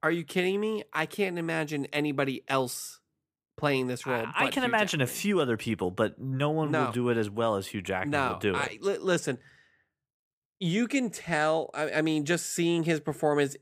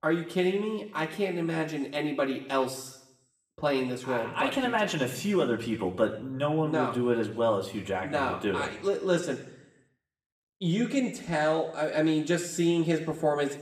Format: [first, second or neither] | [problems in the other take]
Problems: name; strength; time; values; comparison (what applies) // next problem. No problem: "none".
first | room echo; slight; dies away in 0.8 s // off-mic speech; somewhat distant